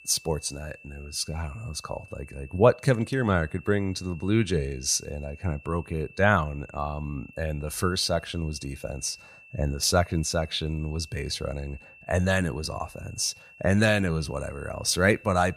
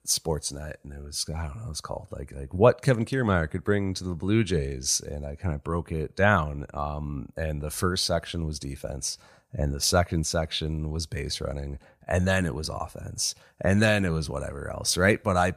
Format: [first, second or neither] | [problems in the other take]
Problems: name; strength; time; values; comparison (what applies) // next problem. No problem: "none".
second | high-pitched whine; faint; throughout; 2.5 kHz, 20 dB below the speech